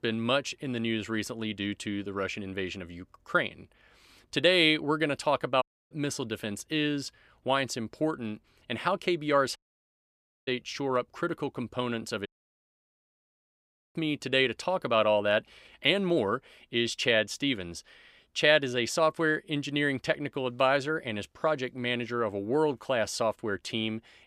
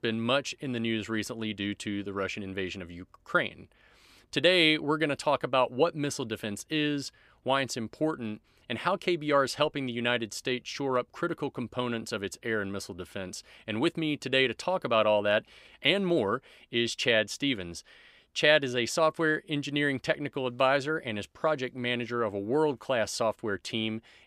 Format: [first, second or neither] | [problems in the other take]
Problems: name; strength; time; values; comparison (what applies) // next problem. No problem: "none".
second | audio cutting out; at 5.5 s, at 9.5 s for 1 s and at 12 s for 1.5 s